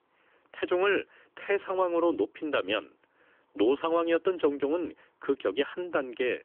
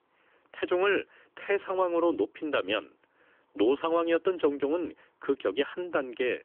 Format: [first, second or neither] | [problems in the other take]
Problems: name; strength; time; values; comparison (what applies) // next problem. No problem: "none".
neither | phone-call audio; nothing above 3.5 kHz; the same in both